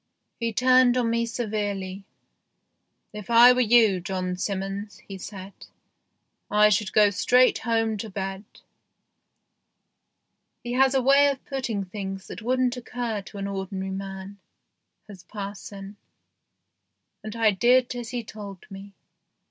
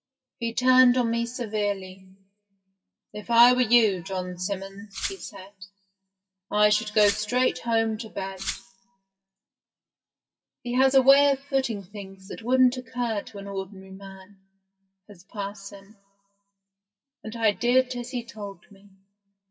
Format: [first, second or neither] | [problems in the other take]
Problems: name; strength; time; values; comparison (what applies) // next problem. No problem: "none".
first | noise reduction (classical method WPE with log-MMSE)